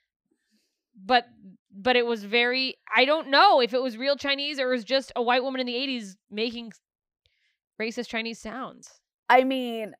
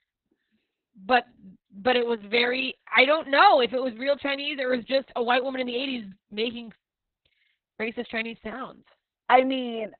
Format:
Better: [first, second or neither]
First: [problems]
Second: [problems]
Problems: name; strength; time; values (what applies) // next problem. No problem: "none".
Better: first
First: none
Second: garbled, watery; badly; nothing above 4 kHz